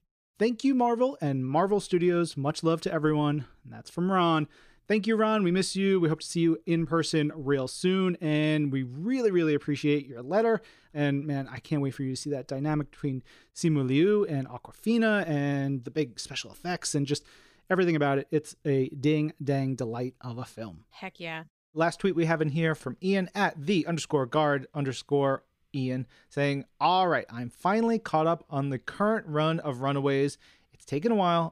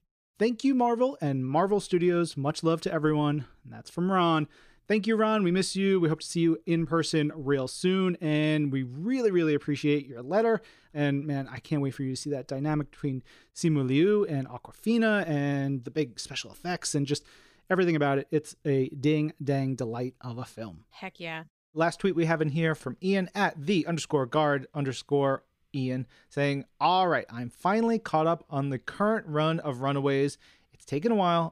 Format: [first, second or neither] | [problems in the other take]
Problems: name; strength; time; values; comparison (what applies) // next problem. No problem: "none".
neither | none